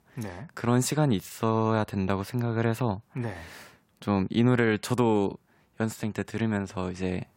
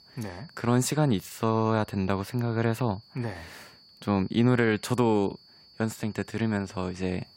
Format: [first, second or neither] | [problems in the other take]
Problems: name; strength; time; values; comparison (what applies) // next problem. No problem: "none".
first | high-pitched whine; faint; throughout; 4.5 kHz, 25 dB below the speech